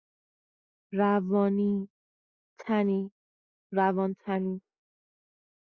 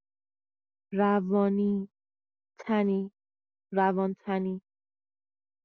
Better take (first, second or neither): second